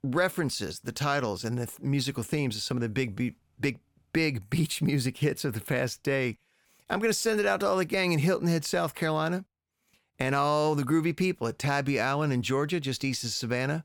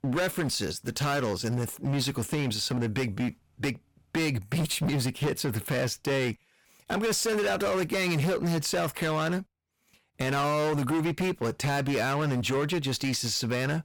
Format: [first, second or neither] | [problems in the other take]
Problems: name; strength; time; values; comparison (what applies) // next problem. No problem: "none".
first | distortion; heavy; 21% of the sound clipped